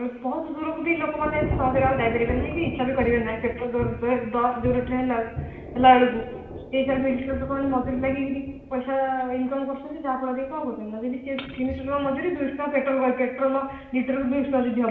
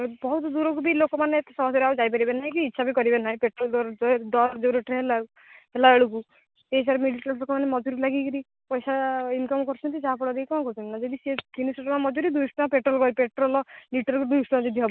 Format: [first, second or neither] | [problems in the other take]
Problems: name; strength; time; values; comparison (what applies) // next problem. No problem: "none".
second | background sound (Thunder / Rain); 11 dB below the speech // room echo; dies away in 1 s